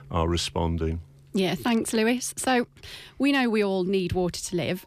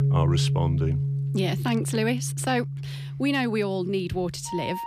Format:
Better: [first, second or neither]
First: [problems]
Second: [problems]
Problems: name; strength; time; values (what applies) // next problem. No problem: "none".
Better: first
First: background music; faint; throughout; 30 dB below the speech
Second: background music; loud; throughout; 1 dB below the speech